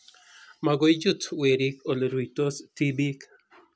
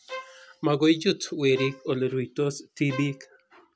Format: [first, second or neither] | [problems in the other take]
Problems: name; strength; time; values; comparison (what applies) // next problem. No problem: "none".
first | background sound (Bowed string instrument); 15 dB below the speech